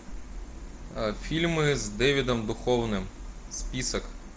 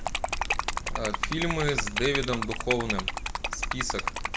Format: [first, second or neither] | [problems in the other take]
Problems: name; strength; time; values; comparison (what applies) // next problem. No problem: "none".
first | background sound (Liquid); as loud as the speech